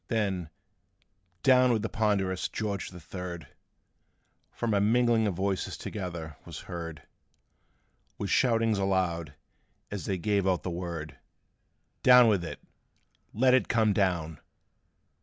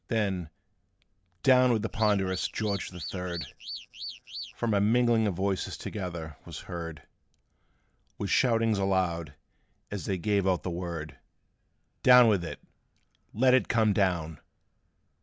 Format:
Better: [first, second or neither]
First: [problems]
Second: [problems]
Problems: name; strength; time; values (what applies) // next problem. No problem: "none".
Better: first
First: none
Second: background sound (Alarm / Car); 11 dB below the speech